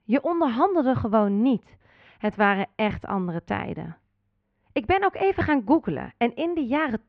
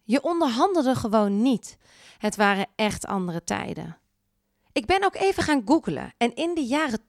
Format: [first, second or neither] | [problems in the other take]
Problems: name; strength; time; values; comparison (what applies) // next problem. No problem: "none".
second | muffled; very; fading above 2.5 kHz